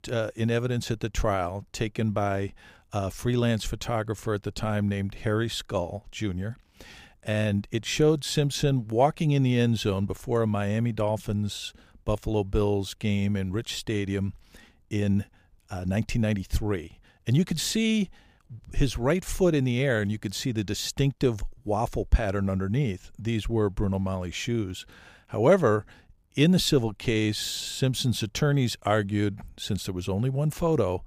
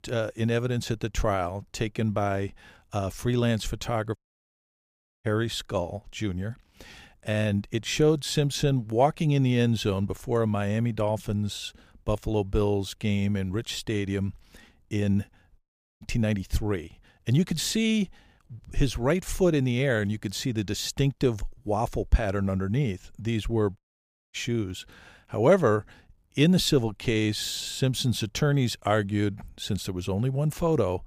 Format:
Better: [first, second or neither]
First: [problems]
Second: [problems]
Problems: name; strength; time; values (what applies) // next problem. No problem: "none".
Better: first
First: none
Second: audio cutting out; at 4 s for 1 s, at 16 s and at 24 s for 0.5 s